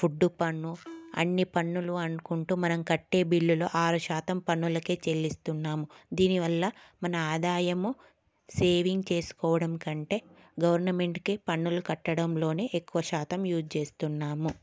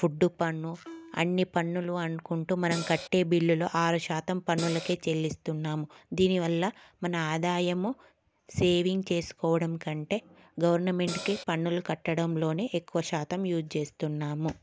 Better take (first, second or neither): first